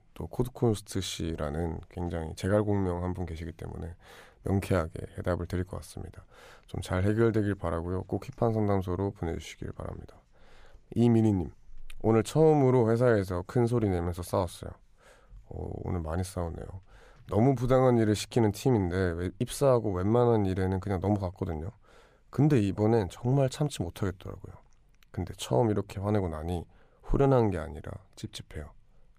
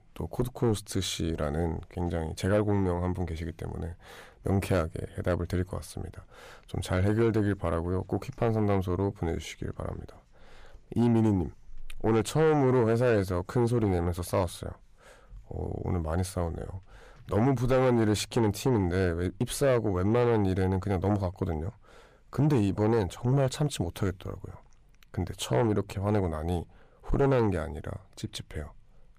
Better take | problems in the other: first | distortion; slight; 10 dB below the speech

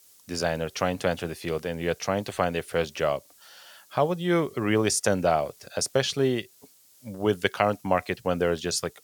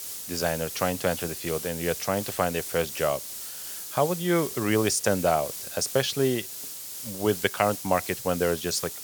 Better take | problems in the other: first | hiss; loud; throughout; 7 dB below the speech; faint in the first

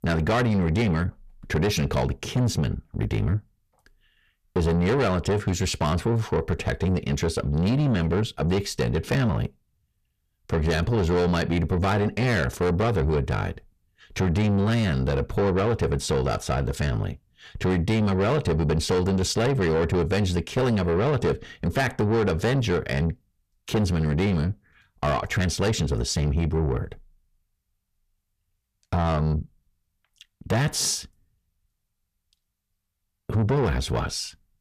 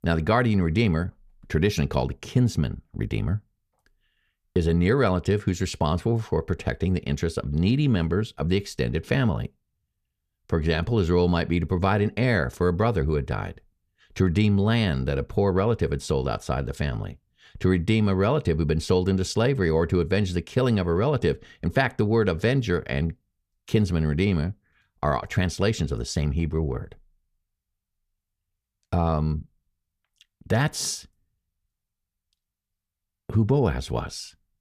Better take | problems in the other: second | distortion; heavy; 7 dB below the speech

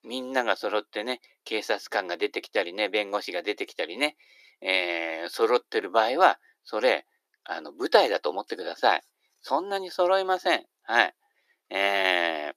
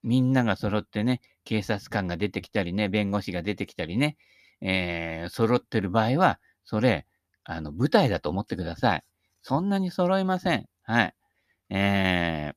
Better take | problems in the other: second | thin; very; fading below 350 Hz

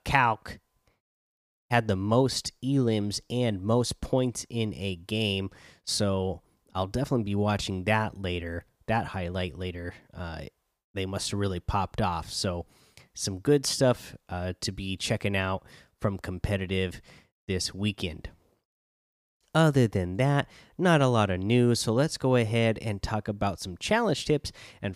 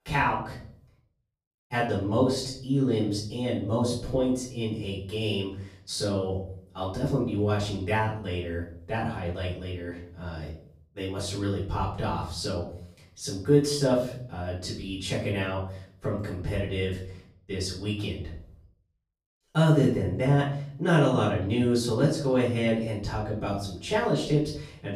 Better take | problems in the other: first | room echo; noticeable; dies away in 0.5 s // off-mic speech; far

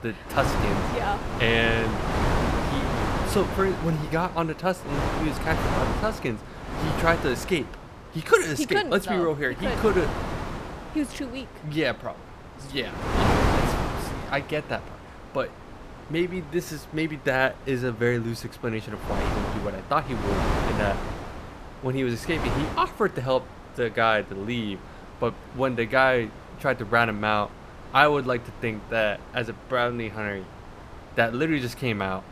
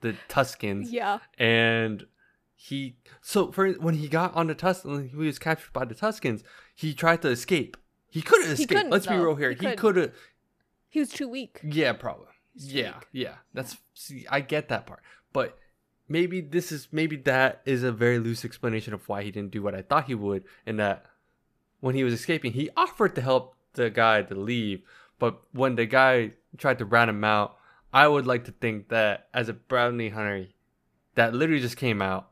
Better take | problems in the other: second | wind noise on the microphone; heavy; 4 dB below the speech

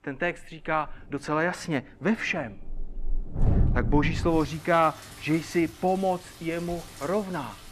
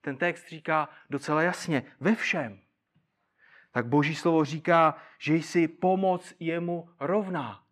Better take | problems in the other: second | rain or running water; loud; throughout; 5 dB below the speech

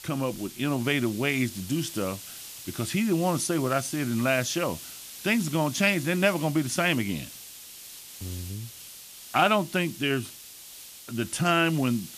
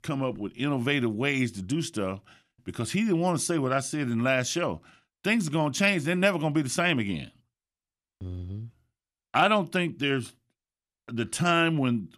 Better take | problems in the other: second | hiss; noticeable; throughout; 15 dB below the speech

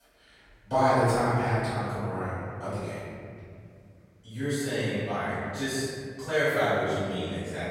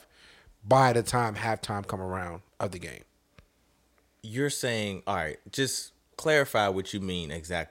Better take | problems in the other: second | off-mic speech; far // room echo; strong; dies away in 2.4 s

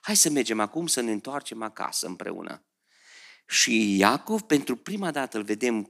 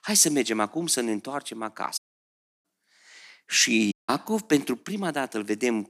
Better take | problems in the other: first | audio cutting out; at 2 s for 0.5 s and at 4 s

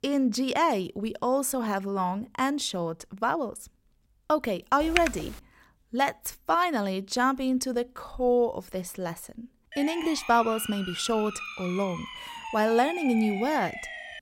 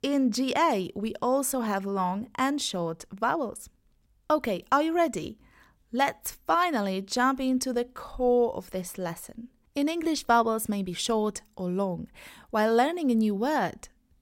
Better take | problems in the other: second | keyboard typing; noticeable; at 5 s; peak 1 dB below the speech // siren; noticeable; from 9.5 s on; peak 7 dB below the speech

